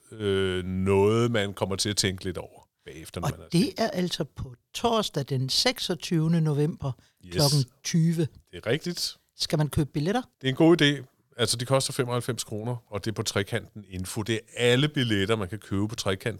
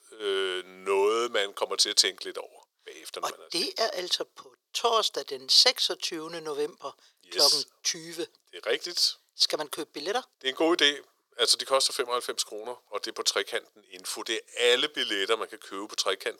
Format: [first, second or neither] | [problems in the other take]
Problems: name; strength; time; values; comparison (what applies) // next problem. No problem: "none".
first | thin; very; fading below 400 Hz